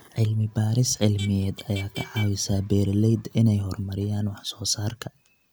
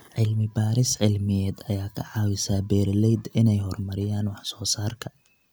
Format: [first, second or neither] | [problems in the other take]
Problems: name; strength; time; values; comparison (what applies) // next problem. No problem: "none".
second | background sound (Motor vehicle (road)); 20 dB below the speech